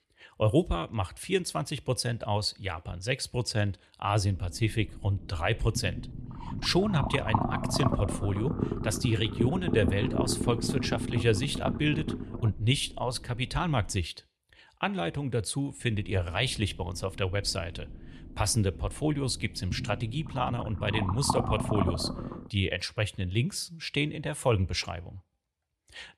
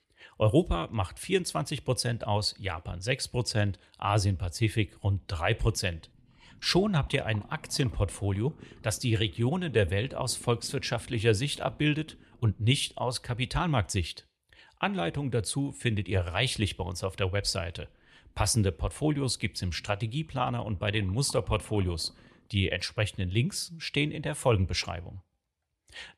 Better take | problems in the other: second | low rumble; loud; from 4 to 14 s and from 16 to 22 s; 4 dB below the speech; faint in the second

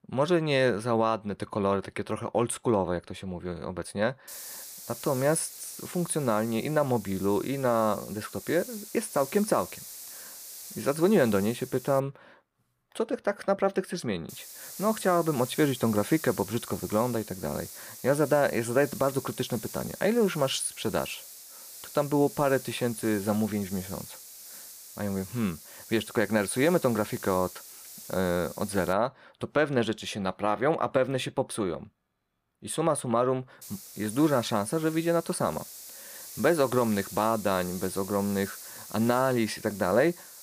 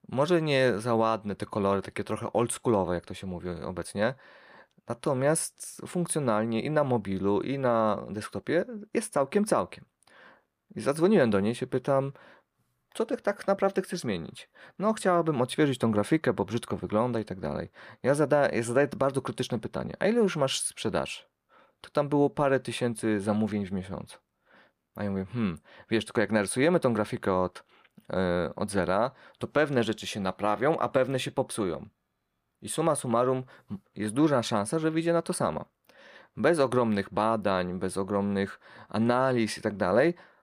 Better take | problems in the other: second | hiss; noticeable; from 4.5 to 12 s, from 14 to 29 s and from 34 s on; 15 dB below the speech

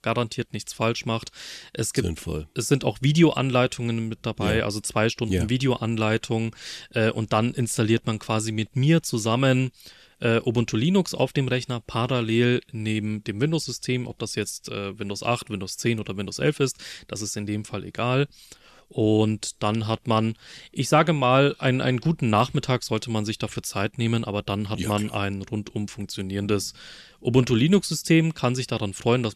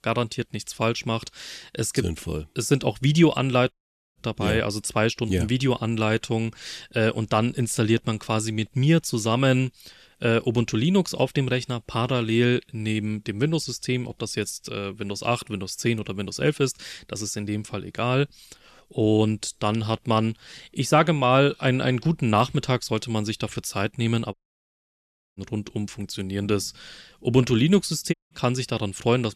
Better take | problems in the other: first | audio cutting out; at 3.5 s, at 24 s for 1 s and at 28 s

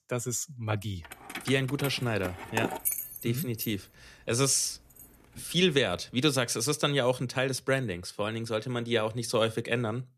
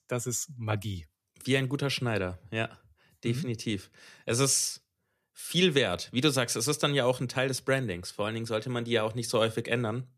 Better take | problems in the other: second | jangling keys; noticeable; from 1 to 5.5 s; peak level with the speech

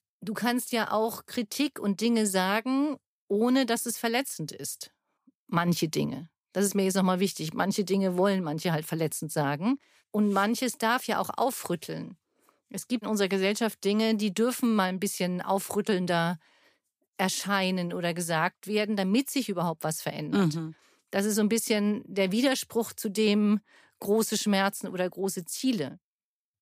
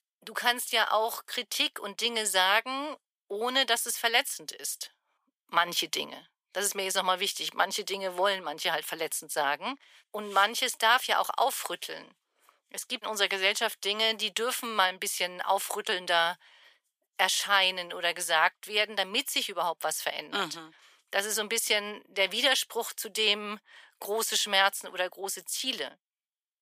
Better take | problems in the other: first | thin; very; fading below 750 Hz

